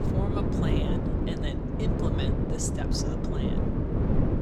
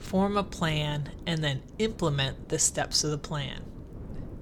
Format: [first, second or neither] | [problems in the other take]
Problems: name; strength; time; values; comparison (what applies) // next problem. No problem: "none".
second | wind noise on the microphone; heavy; 4 dB above the speech; occasional gusts in the second